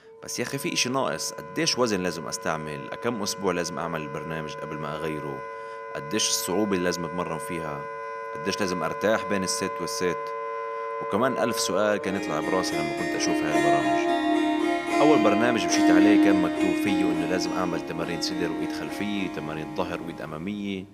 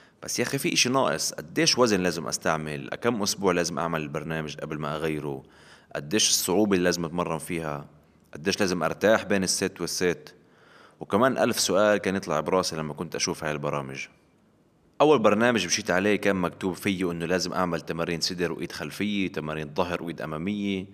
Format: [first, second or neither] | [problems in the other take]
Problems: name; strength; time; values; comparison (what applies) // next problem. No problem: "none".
second | background music; very loud; throughout; 1 dB above the speech